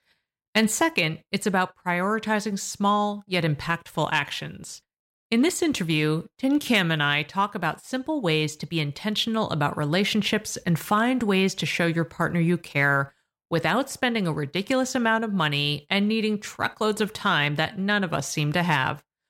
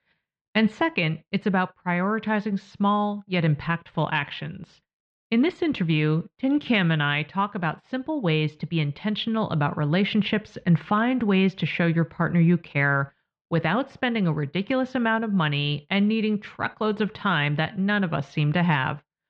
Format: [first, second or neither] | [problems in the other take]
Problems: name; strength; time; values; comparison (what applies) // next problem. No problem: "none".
first | muffled; slightly; fading above 3.5 kHz